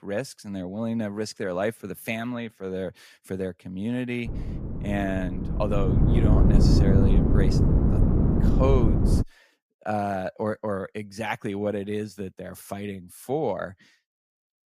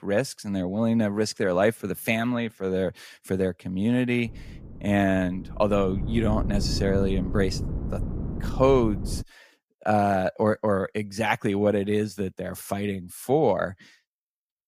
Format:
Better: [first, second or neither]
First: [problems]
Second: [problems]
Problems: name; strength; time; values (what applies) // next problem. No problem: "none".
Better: second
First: wind noise on the microphone; heavy; from 4.5 to 9 s; as loud as the speech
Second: wind noise on the microphone; occasional gusts; from 4.5 to 9 s; 15 dB below the speech